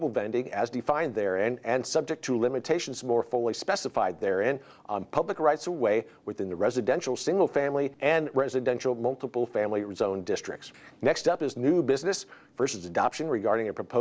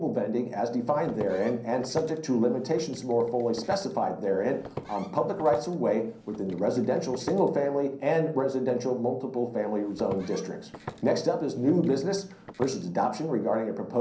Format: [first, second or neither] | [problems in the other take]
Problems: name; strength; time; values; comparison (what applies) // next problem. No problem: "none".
first | background sound (Walk, footsteps); 18 dB below the speech // room echo; dies away in 0.6 s